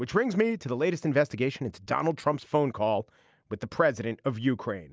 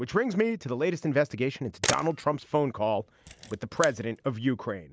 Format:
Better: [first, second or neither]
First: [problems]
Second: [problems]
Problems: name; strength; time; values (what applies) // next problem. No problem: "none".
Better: first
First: none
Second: background sound (Camera); 9 dB below the speech